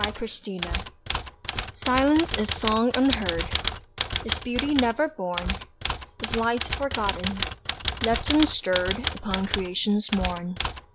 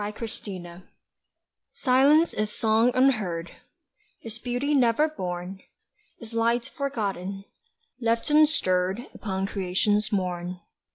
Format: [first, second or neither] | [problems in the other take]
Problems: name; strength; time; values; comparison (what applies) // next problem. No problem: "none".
second | background sound (Typewriter); 4 dB below the speech